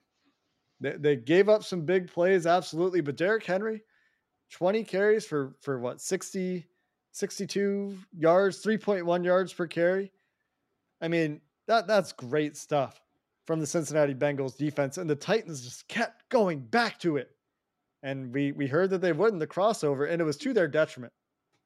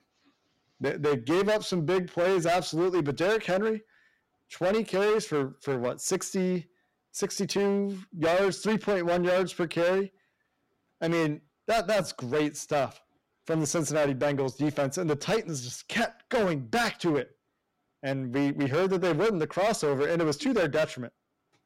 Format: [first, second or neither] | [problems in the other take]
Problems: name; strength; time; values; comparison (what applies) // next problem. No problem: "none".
first | distortion; heavy; 15% of the sound clipped